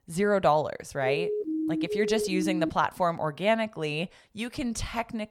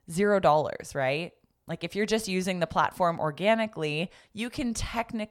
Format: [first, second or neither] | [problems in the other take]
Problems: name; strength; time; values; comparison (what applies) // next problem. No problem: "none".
second | siren; noticeable; from 1 to 2.5 s; peak 1 dB below the speech